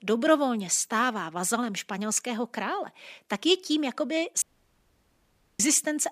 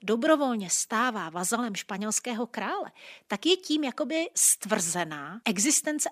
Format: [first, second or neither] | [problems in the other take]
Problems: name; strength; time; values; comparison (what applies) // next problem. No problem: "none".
second | audio cutting out; at 4.5 s for 1 s